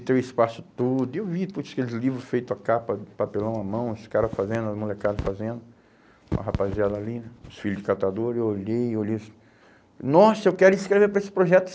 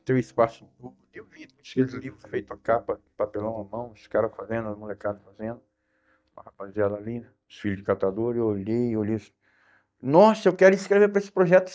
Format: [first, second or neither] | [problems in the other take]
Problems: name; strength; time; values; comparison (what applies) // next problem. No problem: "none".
first | noise reduction (neural mask model DeepFilterNet 3)